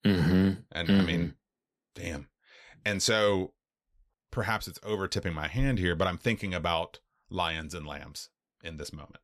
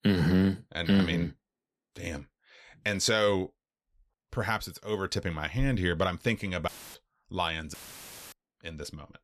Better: first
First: none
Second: audio cutting out; filled with static; at 6.5 s and at 7.5 s for 0.5 s

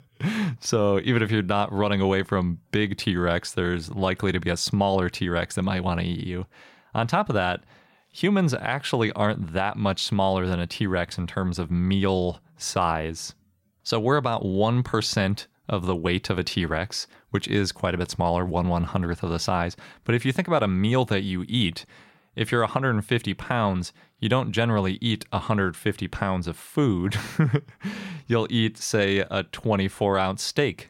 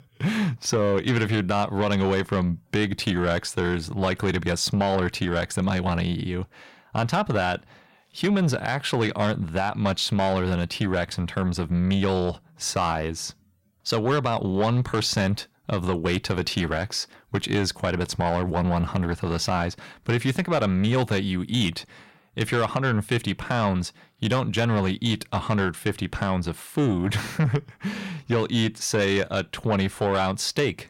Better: first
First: none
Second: distortion; slight; 10 dB below the speech

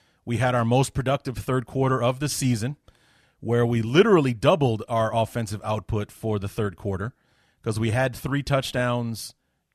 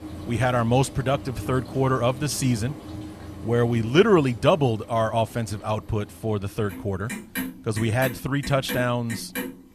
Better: first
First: none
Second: household noises; noticeable; throughout; 15 dB below the speech

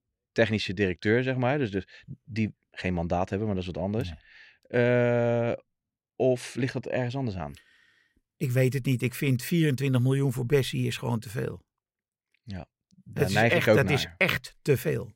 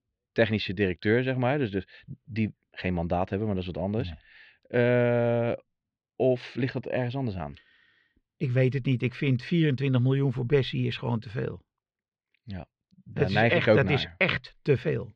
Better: first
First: none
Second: muffled; very slightly; fading above 4 kHz

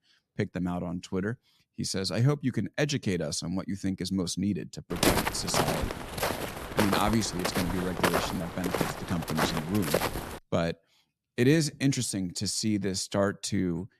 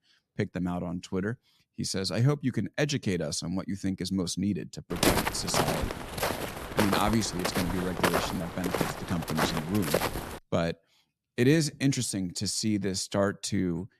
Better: neither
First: footsteps; loud; from 5 to 10 s; peak 5 dB above the speech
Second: footsteps; loud; from 5 to 10 s; peak 5 dB above the speech

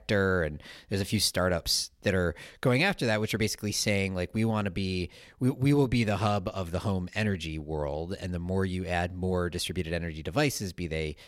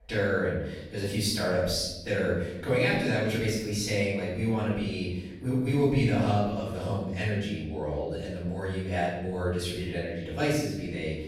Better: first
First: none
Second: off-mic speech; far // room echo; noticeable; dies away in 0.9 s

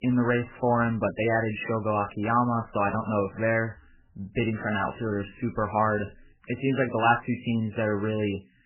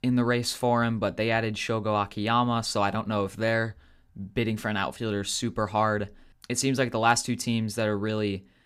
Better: second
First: garbled, watery; badly; nothing above 3 kHz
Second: none

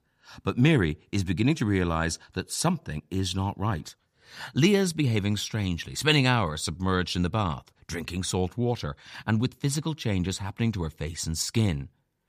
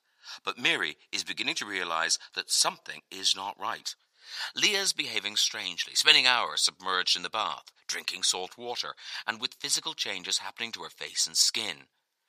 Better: first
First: none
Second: thin; very; fading below 800 Hz

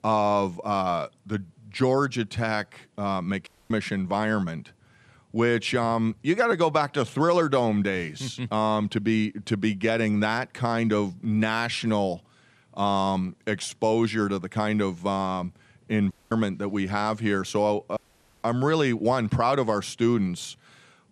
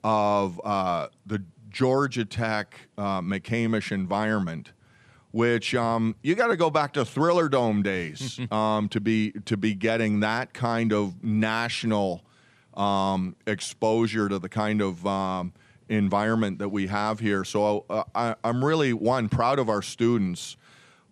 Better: second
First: audio cutting out; at 3.5 s, at 16 s and at 18 s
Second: none

